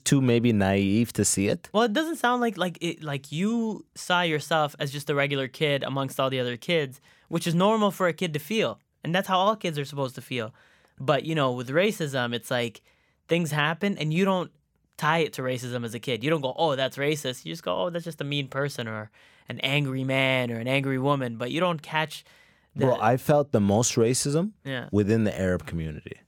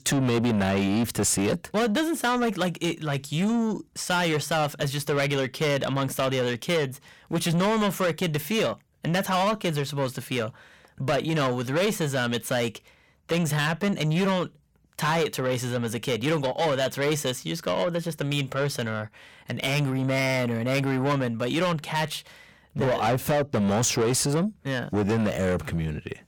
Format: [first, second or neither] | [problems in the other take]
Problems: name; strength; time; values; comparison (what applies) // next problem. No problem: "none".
first | distortion; heavy; 7 dB below the speech